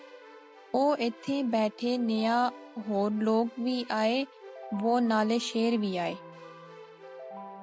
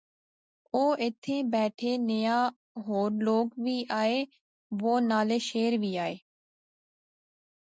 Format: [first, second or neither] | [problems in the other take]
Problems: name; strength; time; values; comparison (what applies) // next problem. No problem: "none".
second | background sound (Keyboard (musical)); 17 dB below the speech